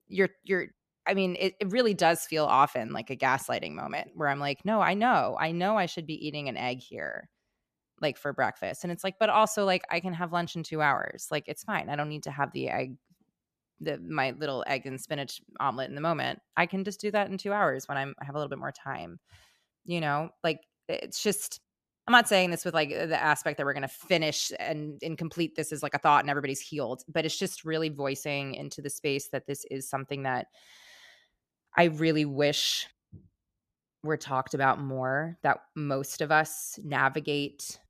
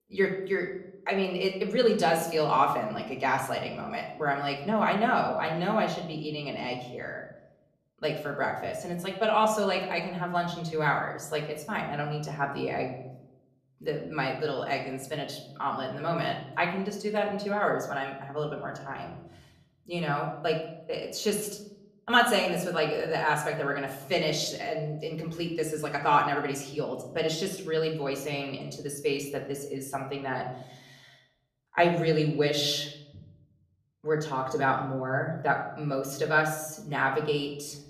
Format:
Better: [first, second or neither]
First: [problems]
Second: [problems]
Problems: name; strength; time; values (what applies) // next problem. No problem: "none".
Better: first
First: none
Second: room echo; slight; dies away in 0.7 s // off-mic speech; somewhat distant